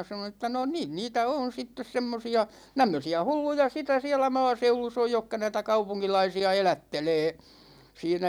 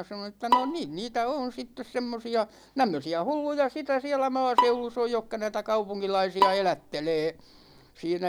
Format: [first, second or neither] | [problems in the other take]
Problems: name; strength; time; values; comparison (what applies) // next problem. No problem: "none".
first | background sound (Bowed string instrument); 3 dB below the speech